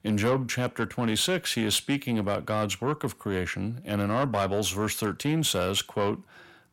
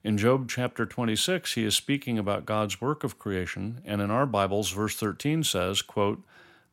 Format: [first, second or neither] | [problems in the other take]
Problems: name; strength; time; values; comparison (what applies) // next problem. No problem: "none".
second | distortion; slight; 10 dB below the speech